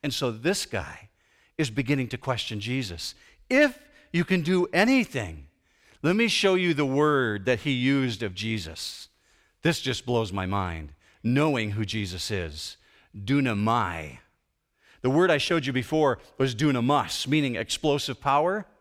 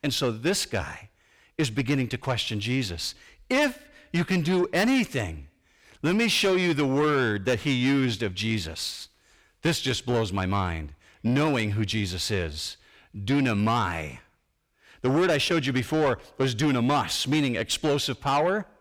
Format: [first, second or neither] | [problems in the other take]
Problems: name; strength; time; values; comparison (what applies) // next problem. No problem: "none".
first | distortion; slight; 10 dB below the speech